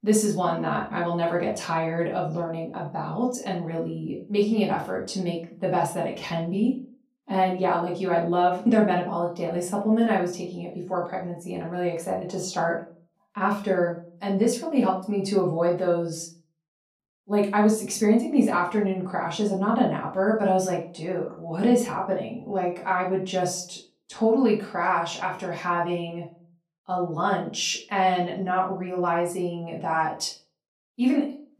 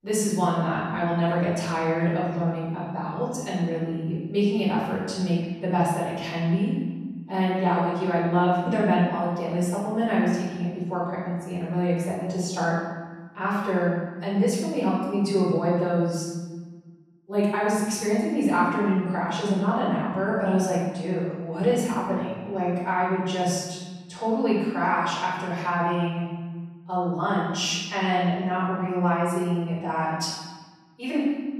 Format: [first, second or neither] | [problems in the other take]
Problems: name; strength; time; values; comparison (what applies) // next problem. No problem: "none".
first | room echo; strong; dies away in 1.3 s; slight in the first // off-mic speech; far; far in the first